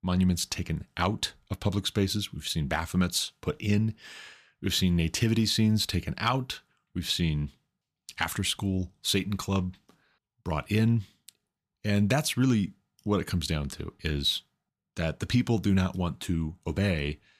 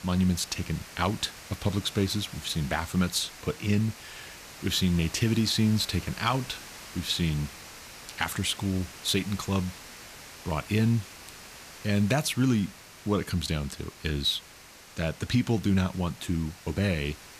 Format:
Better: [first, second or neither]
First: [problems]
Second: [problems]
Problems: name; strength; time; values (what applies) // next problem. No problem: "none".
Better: first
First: none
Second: hiss; noticeable; throughout; 15 dB below the speech